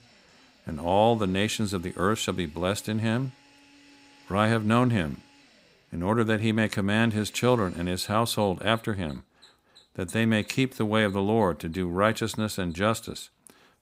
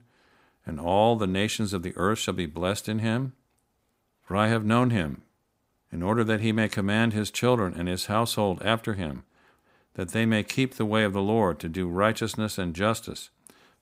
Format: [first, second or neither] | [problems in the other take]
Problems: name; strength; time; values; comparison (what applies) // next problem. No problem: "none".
second | machinery noise; faint; throughout; 30 dB below the speech